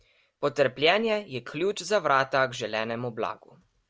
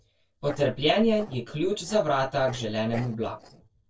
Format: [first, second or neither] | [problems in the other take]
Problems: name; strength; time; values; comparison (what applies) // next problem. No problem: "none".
first | noise reduction (neural separator model SepFormer DNS4)